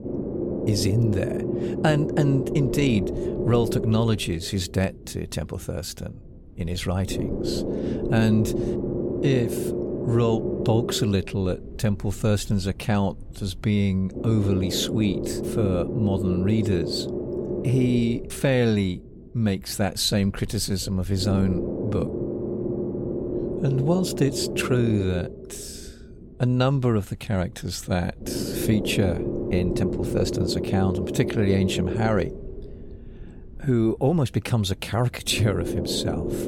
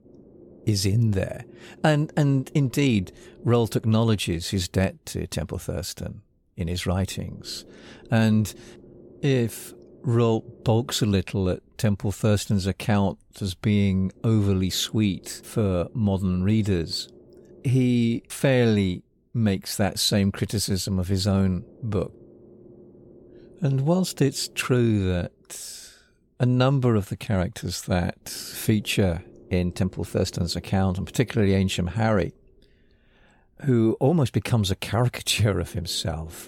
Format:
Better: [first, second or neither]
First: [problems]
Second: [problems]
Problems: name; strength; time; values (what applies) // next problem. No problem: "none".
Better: second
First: low rumble; loud; throughout; 3 dB below the speech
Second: low rumble; faint; throughout; 25 dB below the speech